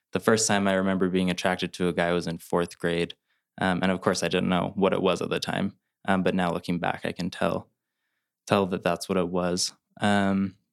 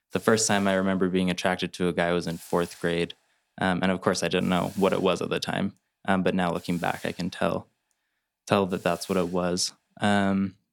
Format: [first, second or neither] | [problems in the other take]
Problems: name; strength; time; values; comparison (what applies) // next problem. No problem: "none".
first | hiss; faint; throughout; 20 dB below the speech